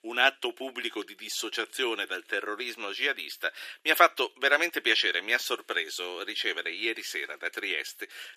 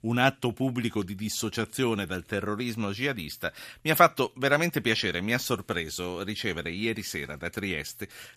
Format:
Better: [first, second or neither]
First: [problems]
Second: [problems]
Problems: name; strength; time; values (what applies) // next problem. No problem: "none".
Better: second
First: thin; very; fading below 350 Hz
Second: none